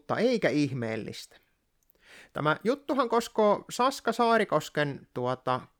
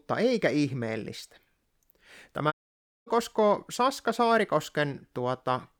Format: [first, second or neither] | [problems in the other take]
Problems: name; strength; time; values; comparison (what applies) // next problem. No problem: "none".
first | audio cutting out; at 2.5 s for 0.5 s